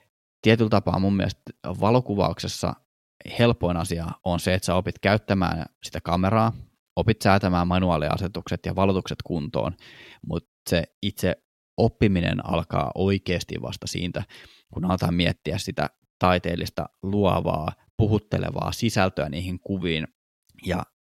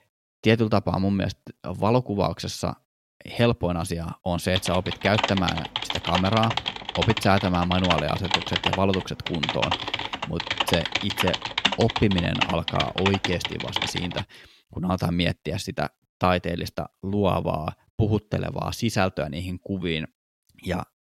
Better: first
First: none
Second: keyboard typing; loud; from 4.5 to 14 s; peak 3 dB above the speech

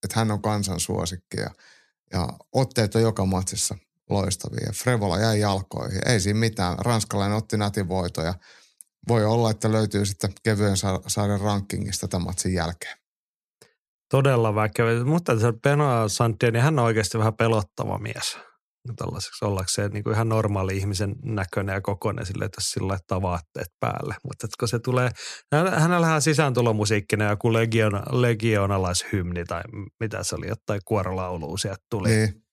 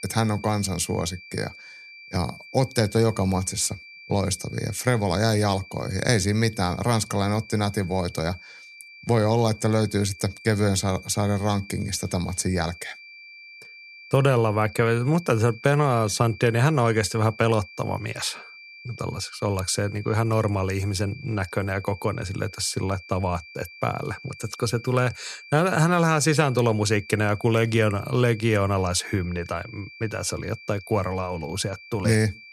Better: first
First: none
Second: high-pitched whine; noticeable; throughout; 2.5 kHz, 20 dB below the speech

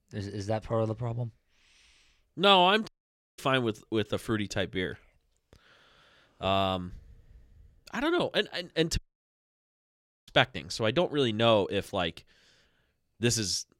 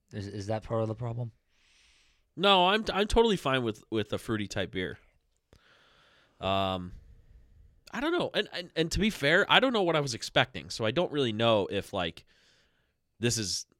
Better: second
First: audio cutting out; at 3 s for 0.5 s and at 9 s for 1.5 s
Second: none

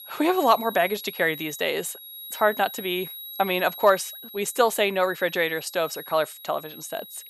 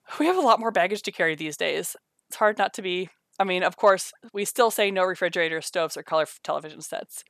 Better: second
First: high-pitched whine; noticeable; throughout; 11.5 kHz, 15 dB below the speech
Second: none

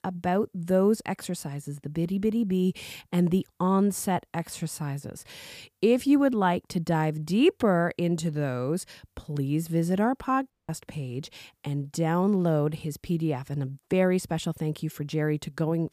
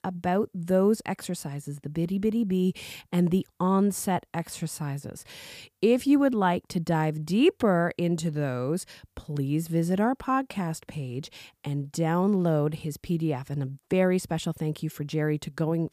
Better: second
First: audio cutting out; at 11 s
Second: none

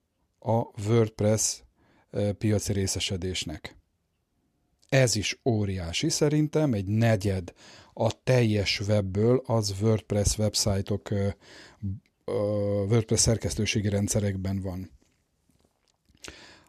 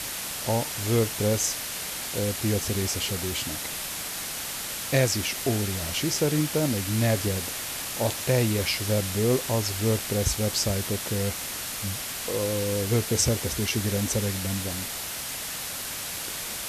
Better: first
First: none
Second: hiss; loud; throughout; 3 dB below the speech

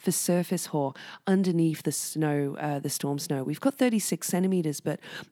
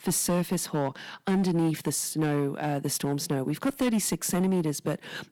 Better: first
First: none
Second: distortion; slight; 10% of the sound clipped

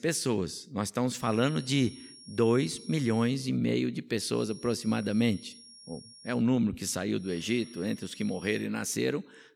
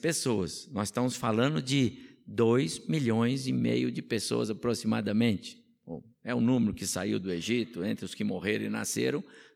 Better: second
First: high-pitched whine; noticeable; from 1 to 3.5 s, from 4.5 to 6.5 s and from 7 to 8.5 s; 5.5 kHz, 20 dB below the speech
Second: none

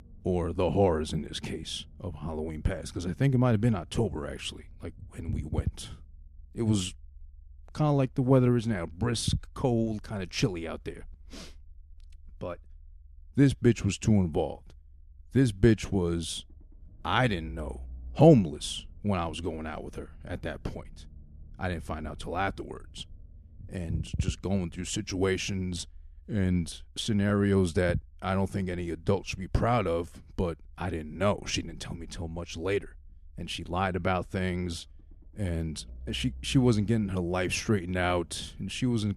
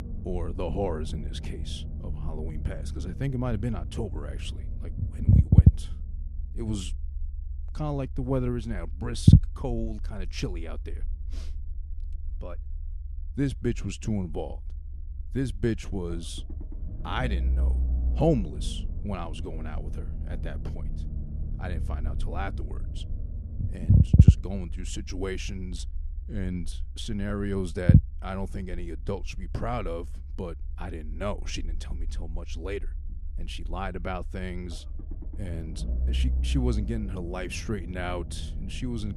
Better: first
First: low rumble; faint; throughout; 25 dB below the speech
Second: low rumble; loud; throughout; 3 dB below the speech

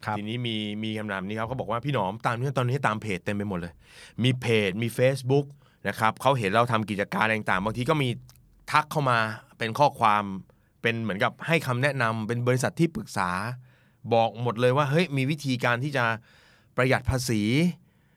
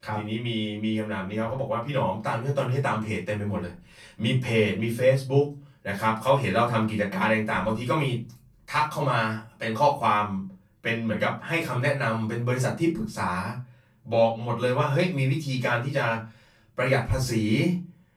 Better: first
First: none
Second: off-mic speech; far // room echo; slight; dies away in 0.2 s

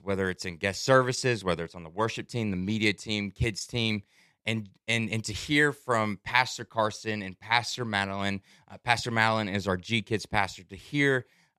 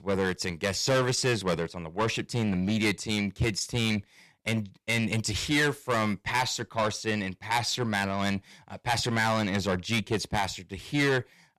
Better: first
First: none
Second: distortion; heavy; 6 dB below the speech

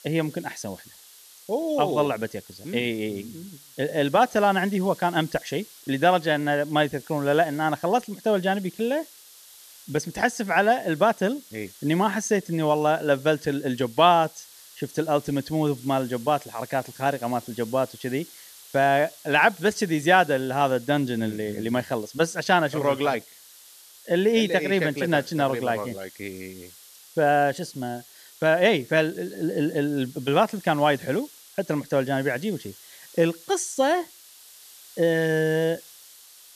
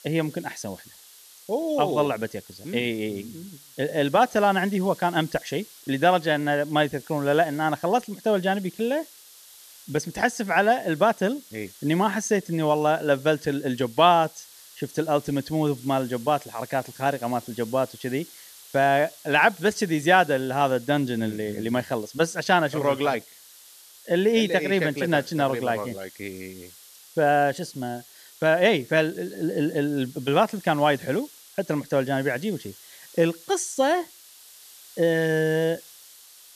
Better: neither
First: hiss; faint; throughout; 20 dB below the speech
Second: hiss; faint; throughout; 20 dB below the speech

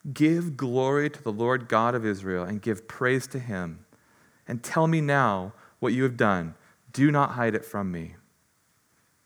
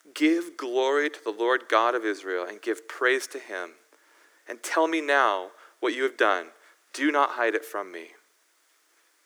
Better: first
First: none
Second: thin; somewhat; fading below 300 Hz

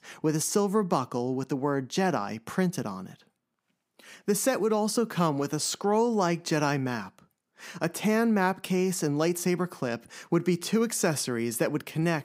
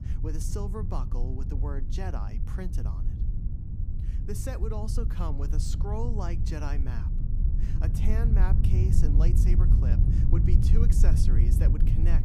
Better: first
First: none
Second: low rumble; loud; throughout; 2 dB below the speech

